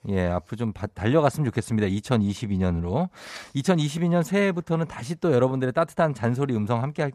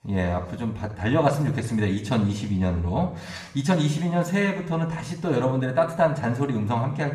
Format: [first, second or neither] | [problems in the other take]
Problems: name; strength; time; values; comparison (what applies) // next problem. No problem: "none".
first | room echo; slight; dies away in 0.8 s